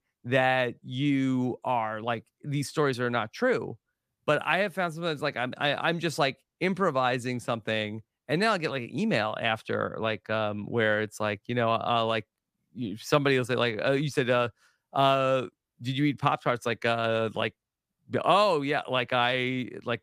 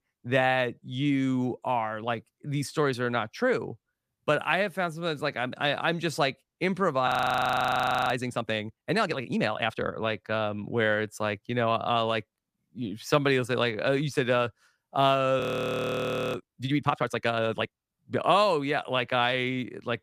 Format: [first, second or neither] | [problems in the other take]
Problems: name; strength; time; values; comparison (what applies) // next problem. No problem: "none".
first | audio freezing; at 7 s for 1 s and at 15 s for 1 s